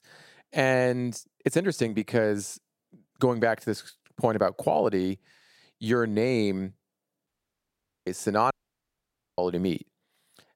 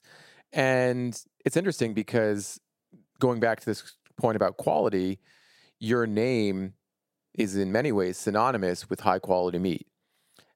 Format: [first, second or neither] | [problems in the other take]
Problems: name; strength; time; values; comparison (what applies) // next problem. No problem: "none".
second | audio cutting out; at 7.5 s for 1 s and at 8.5 s for 1 s